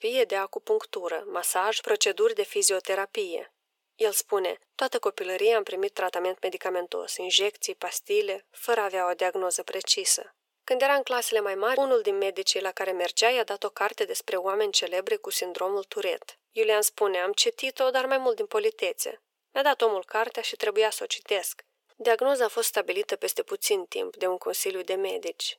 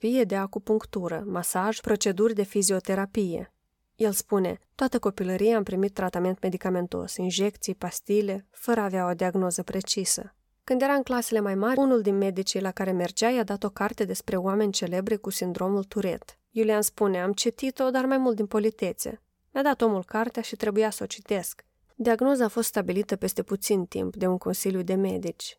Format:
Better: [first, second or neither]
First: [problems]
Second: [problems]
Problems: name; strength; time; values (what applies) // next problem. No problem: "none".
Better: second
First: thin; very; fading below 400 Hz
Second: none